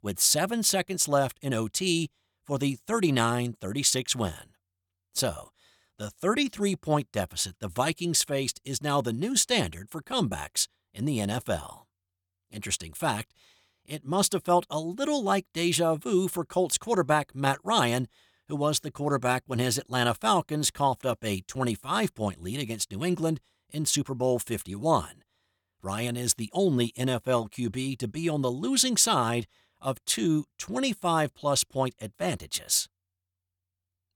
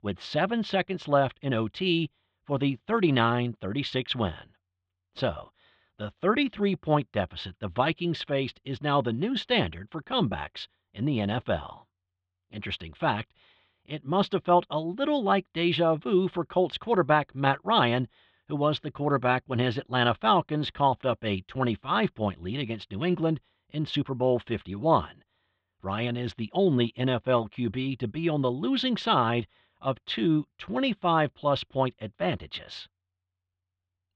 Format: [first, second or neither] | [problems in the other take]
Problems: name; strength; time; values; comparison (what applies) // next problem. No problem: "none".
first | muffled; very; fading above 3.5 kHz